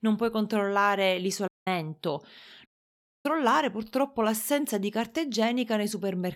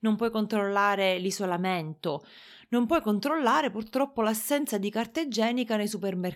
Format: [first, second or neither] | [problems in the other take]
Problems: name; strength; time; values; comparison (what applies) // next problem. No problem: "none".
second | audio cutting out; at 1.5 s and at 2.5 s for 0.5 s